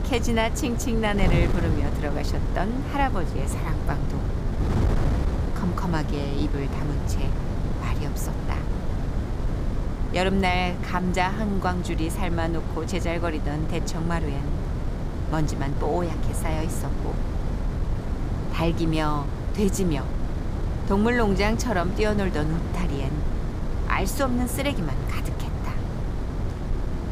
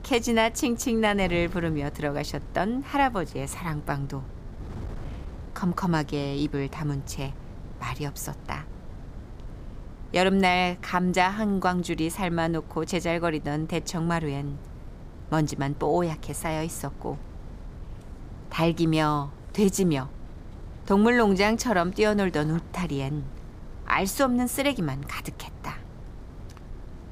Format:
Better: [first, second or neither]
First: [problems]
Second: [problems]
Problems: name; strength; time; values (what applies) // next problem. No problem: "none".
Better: second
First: wind noise on the microphone; heavy; 8 dB below the speech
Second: wind noise on the microphone; occasional gusts; 25 dB below the speech